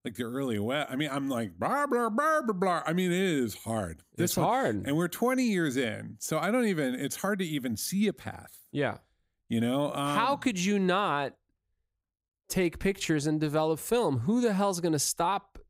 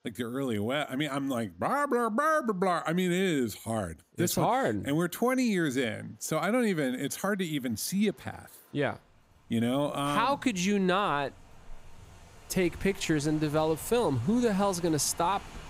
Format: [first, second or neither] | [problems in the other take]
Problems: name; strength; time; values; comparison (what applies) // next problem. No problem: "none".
first | rain or running water; faint; throughout; 20 dB below the speech